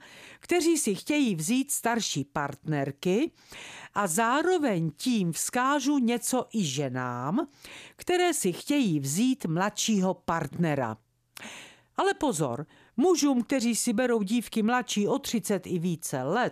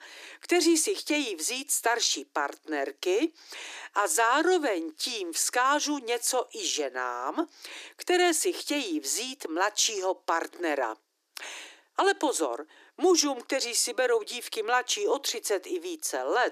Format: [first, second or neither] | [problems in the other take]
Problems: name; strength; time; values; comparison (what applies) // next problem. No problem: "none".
first | thin; very; fading below 300 Hz